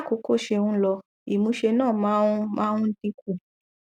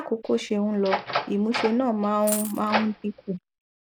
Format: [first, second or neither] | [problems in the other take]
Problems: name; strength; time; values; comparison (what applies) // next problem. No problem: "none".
first | background sound (Coin (dropping) + Door); 6 dB below the speech